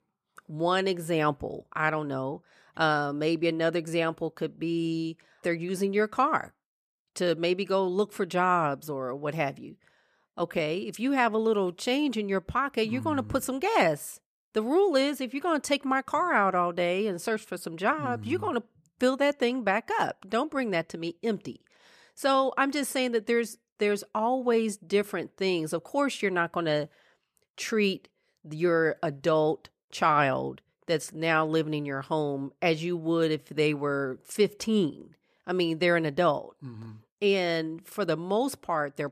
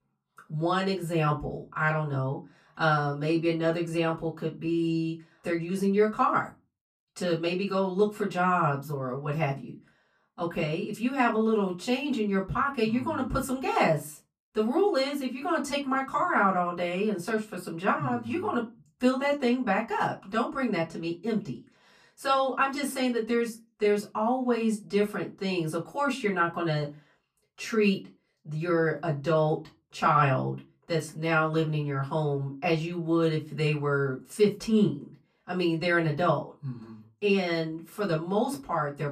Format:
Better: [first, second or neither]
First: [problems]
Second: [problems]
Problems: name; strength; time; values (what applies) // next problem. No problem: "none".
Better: first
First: none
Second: off-mic speech; far // room echo; very slight; dies away in 0.2 s